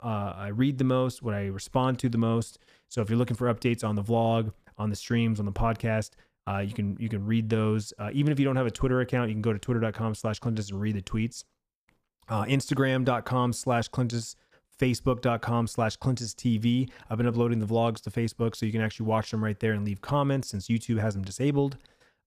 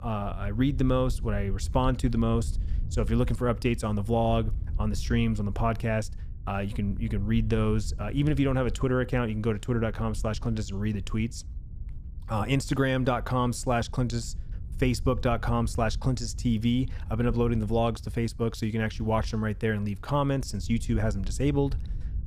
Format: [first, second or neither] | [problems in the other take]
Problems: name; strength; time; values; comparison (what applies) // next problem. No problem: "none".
first | wind noise on the microphone; occasional gusts; 25 dB below the speech